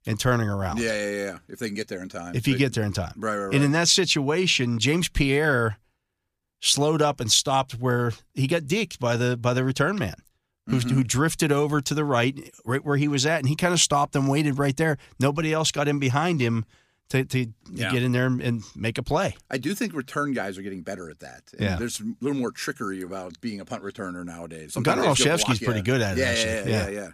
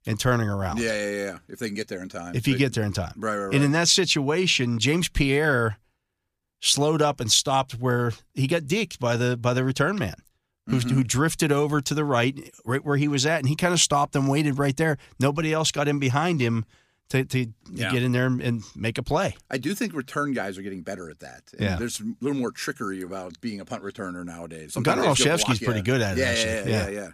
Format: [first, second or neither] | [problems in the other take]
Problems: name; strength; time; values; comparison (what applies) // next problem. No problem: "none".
neither | none